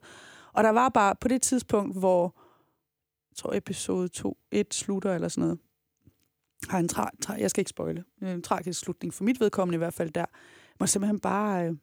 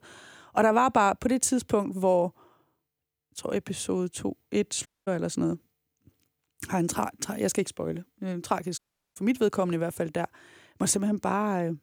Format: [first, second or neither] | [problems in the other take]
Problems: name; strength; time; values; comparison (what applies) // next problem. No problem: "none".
first | audio cutting out; at 5 s and at 9 s